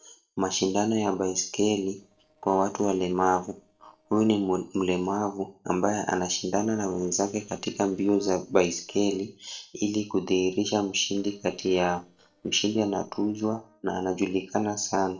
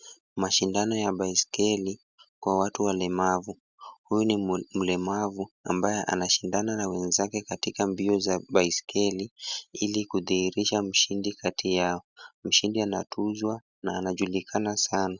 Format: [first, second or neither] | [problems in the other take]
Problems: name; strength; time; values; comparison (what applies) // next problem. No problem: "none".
second | noise reduction (neural separator model SepFormer DNS4)